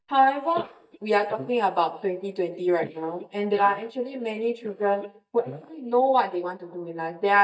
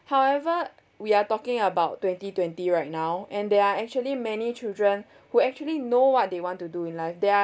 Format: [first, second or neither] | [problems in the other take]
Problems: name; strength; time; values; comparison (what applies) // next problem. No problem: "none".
second | noise reduction (neural mask model DeepFilterNet 3)